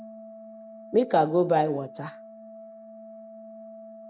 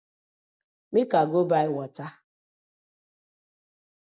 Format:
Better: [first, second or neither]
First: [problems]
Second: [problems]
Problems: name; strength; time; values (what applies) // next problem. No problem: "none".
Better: second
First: background sound (Organ); 16 dB below the speech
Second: none